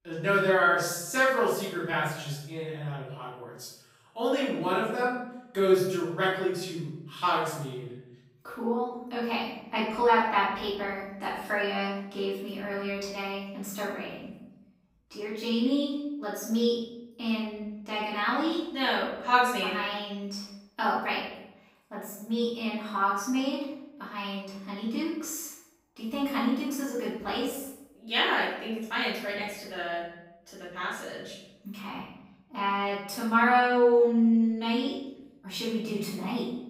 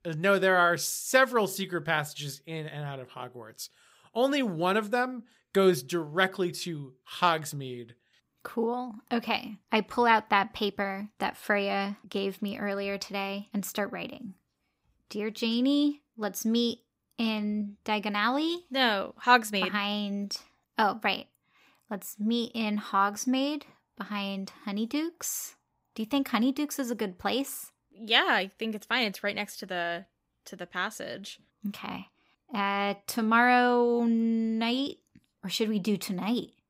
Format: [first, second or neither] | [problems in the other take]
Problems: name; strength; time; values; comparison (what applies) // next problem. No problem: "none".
second | room echo; noticeable; dies away in 0.7 s // off-mic speech; far